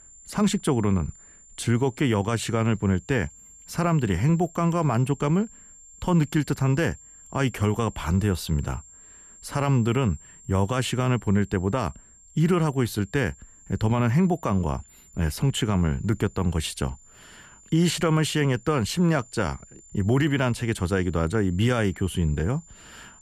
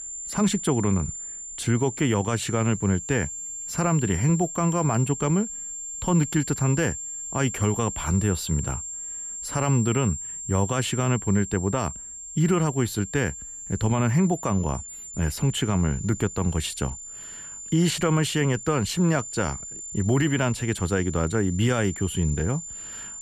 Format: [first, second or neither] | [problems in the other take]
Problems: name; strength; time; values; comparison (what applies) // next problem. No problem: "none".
first | high-pitched whine; loud; throughout; 7.5 kHz, 8 dB below the speech; faint in the first